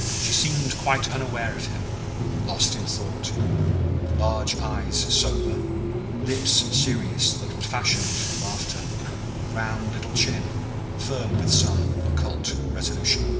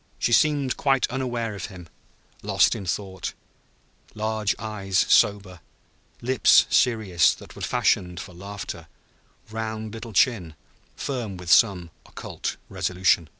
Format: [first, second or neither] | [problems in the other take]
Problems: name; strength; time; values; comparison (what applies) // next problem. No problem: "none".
second | background sound (Bus / Engine); 3 dB above the speech // room echo; dies away in 0.8 s